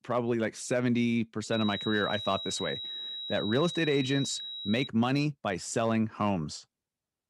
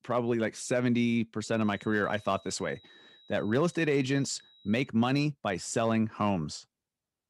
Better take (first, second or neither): second